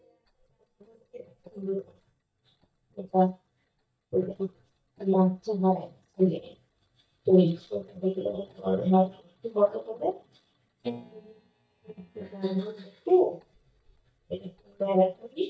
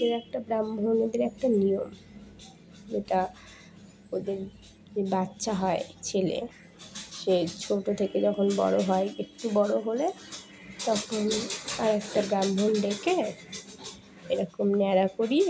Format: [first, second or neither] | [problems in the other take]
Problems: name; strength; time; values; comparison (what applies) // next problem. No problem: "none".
second | noise reduction (neural mask model DeepFilterNet 3)